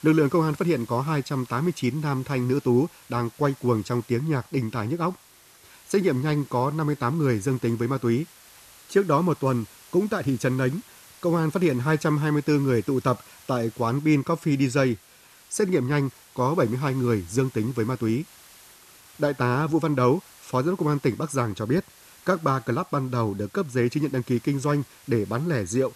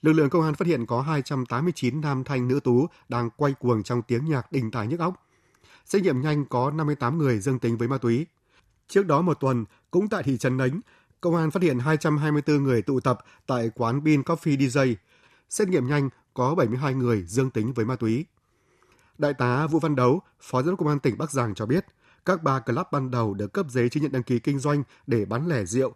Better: second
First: hiss; faint; throughout; 25 dB below the speech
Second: none

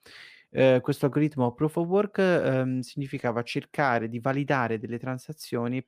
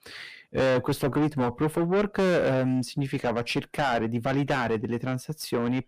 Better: first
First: none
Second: distortion; heavy; 5 dB below the speech

